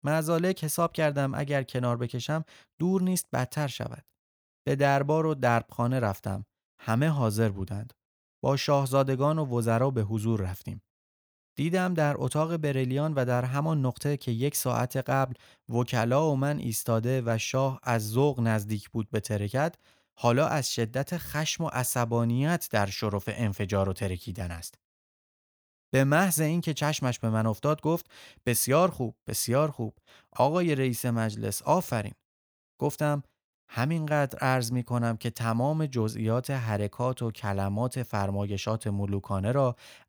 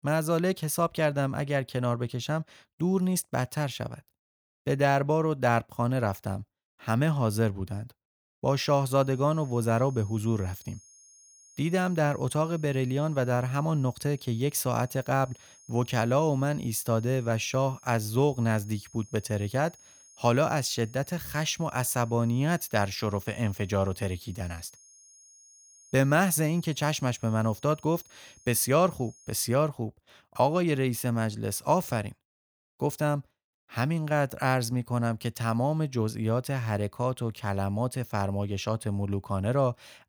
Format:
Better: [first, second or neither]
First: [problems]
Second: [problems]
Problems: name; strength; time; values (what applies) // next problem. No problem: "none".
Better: first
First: none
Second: high-pitched whine; faint; from 8.5 to 29 s; 6.5 kHz, 25 dB below the speech